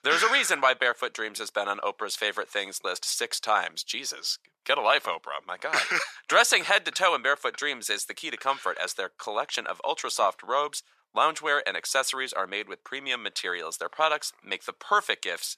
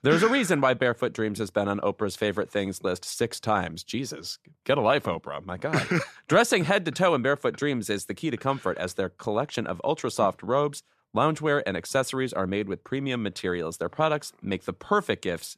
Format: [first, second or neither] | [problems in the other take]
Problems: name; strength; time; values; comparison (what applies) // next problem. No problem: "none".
second | thin; very; fading below 850 Hz